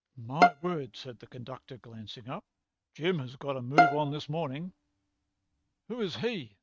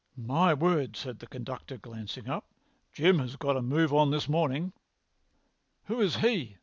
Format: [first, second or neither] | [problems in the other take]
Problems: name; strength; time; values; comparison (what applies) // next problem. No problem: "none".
second | noise reduction (neural mask model RNNoise)